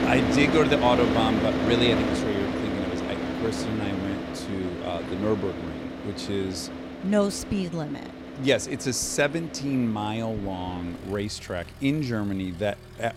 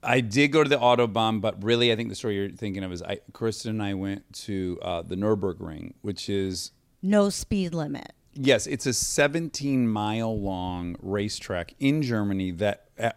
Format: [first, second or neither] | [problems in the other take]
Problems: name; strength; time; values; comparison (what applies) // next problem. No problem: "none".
second | traffic noise; loud; throughout; 2 dB below the speech